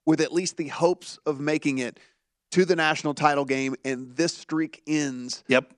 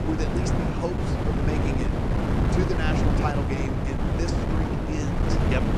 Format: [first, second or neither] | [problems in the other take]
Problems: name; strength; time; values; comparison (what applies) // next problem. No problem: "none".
first | wind noise on the microphone; heavy; 3 dB above the speech